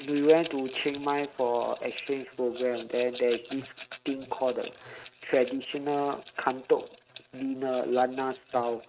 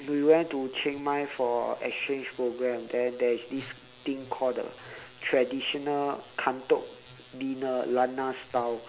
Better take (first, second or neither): second